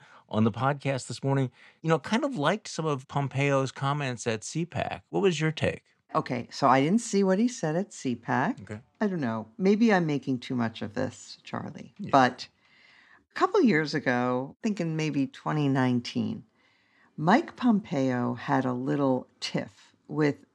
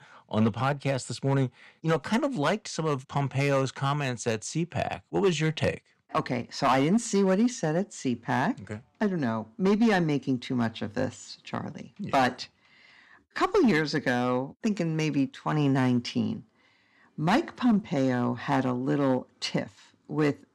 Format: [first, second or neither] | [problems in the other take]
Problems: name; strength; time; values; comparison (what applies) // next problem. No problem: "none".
first | distortion; slight; 4% of the sound clipped